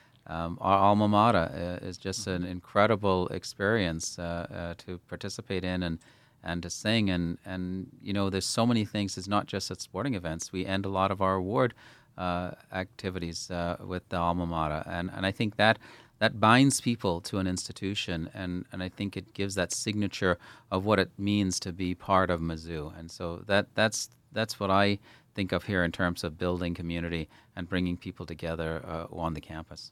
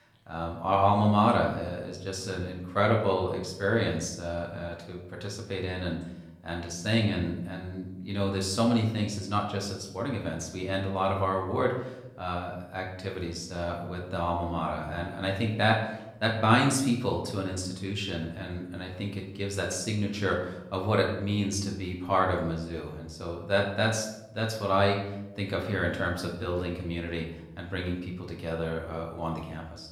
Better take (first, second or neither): first